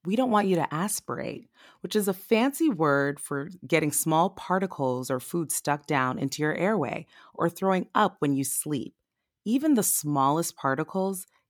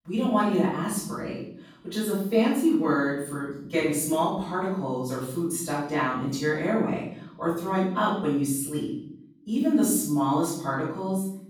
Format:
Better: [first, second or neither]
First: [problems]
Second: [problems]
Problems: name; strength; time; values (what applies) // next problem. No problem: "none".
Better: first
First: none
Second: room echo; noticeable; dies away in 0.6 s // off-mic speech; far